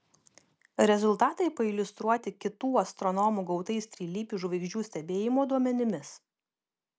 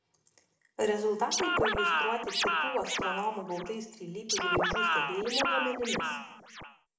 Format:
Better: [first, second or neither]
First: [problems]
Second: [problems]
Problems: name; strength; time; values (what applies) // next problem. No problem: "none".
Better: first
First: none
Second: background sound (Scratching (performance technique)); 3 dB above the speech // room echo; dies away in 0.9 s